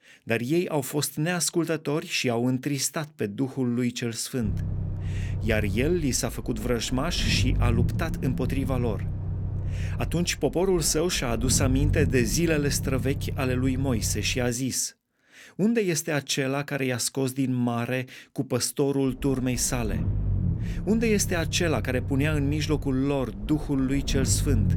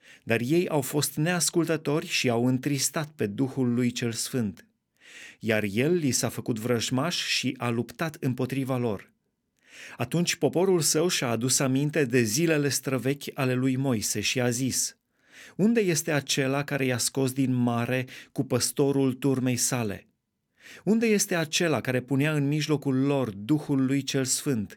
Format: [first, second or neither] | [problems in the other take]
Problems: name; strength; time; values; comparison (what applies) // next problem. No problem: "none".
second | low rumble; noticeable; from 4.5 to 15 s and from 19 s on; 15 dB below the speech